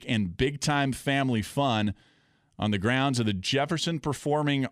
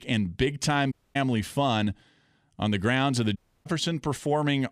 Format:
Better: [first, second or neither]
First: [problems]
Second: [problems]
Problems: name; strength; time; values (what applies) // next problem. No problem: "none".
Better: first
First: none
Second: audio cutting out; at 1 s and at 3.5 s